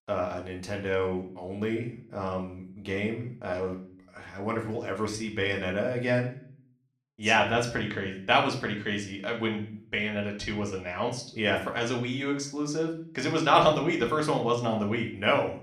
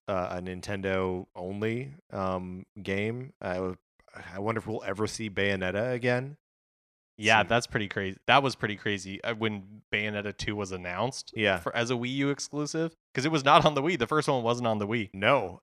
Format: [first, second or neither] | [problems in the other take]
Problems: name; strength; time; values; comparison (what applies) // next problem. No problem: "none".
second | room echo; slight; dies away in 0.4 s // off-mic speech; somewhat distant